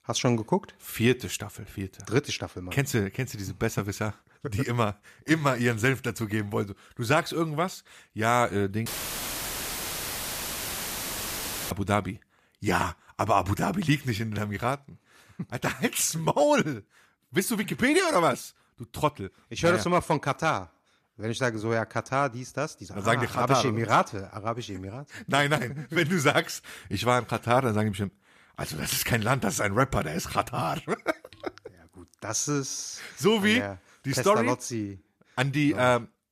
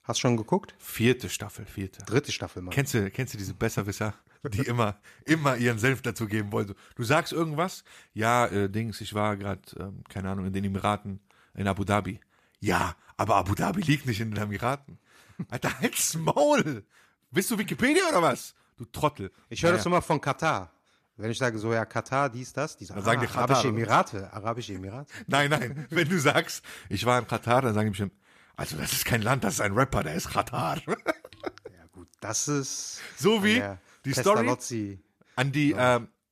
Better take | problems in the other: second | audio cutting out; filled with static; at 9 s for 3 s

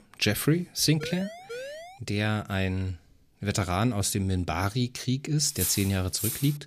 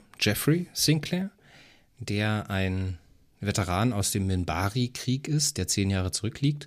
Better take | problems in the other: second | siren; faint; at 1 s; peak 10 dB below the speech // clattering dishes; noticeable; from 5.5 s on; peak 1 dB below the speech

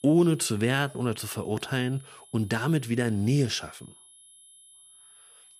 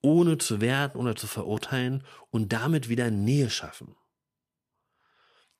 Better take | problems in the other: second | high-pitched whine; faint; throughout; 11 kHz, 25 dB below the speech

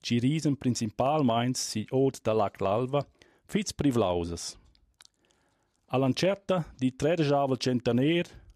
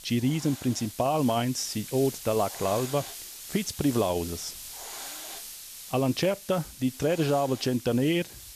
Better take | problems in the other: first | hiss; noticeable; throughout; 10 dB below the speech

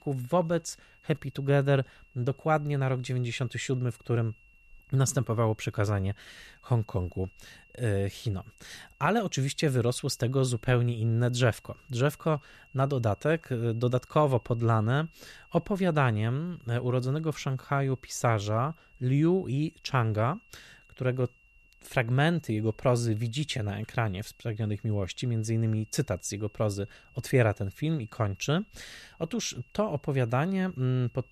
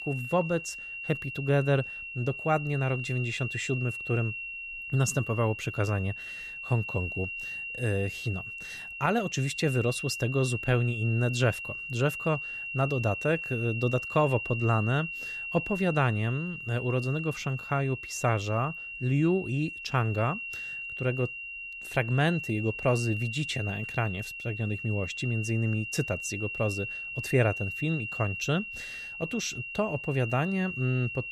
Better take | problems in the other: first | high-pitched whine; loud; throughout; 2.5 kHz, 6 dB below the speech; faint in the first

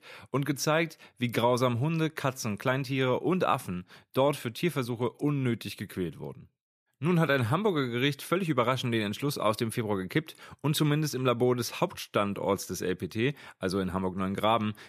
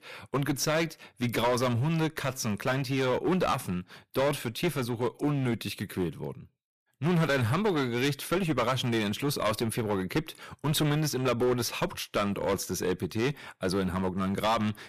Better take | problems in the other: first | distortion; heavy; 10% of the sound clipped

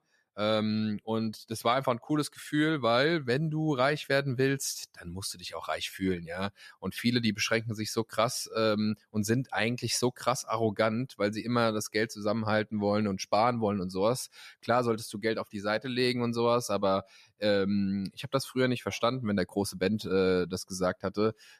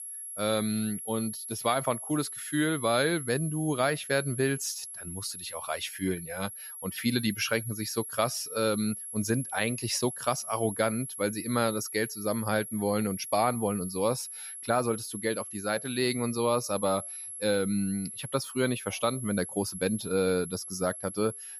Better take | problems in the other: first | high-pitched whine; loud; throughout; 11 kHz, 8 dB below the speech

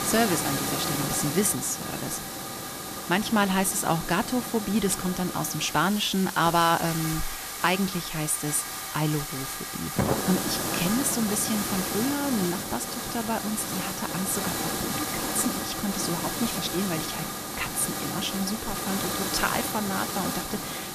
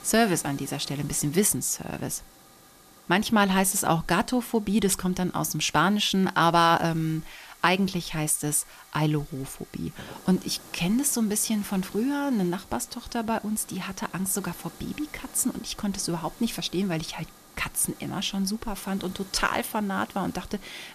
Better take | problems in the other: second | hiss; loud; throughout; 2 dB below the speech; faint in the second

